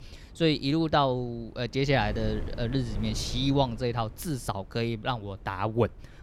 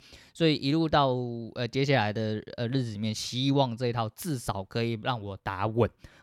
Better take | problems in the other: second | wind noise on the microphone; occasional gusts; 20 dB below the speech

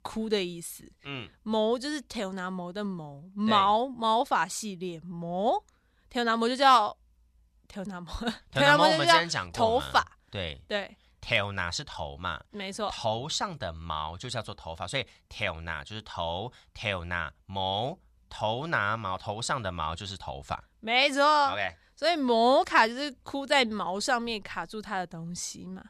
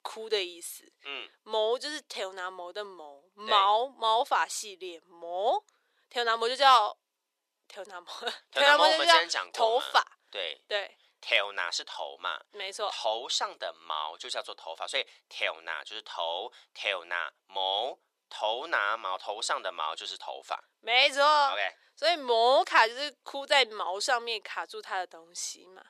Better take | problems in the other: first | thin; very; fading below 400 Hz

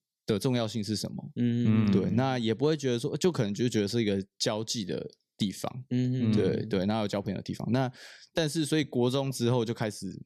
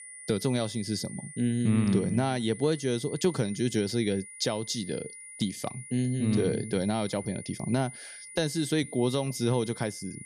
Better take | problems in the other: first | high-pitched whine; noticeable; throughout; 9.5 kHz, 15 dB below the speech

